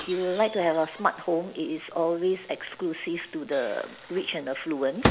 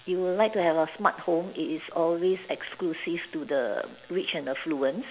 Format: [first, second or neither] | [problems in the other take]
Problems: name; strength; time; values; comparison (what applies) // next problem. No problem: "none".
second | background sound (Microwave oven); 8 dB below the speech